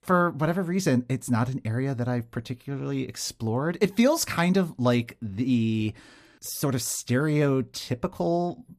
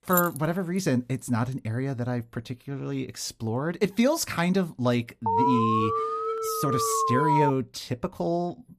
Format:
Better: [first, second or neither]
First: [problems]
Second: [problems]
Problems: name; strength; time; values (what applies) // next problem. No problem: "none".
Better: first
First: none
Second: jangling keys; noticeable; at the start; peak 1 dB below the speech // alarm; loud; from 5.5 to 7.5 s; peak 4 dB above the speech